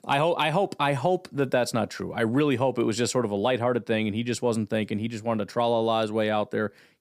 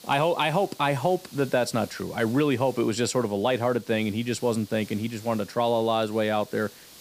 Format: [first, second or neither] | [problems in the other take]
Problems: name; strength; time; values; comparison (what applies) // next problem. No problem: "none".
first | hiss; faint; throughout; 20 dB below the speech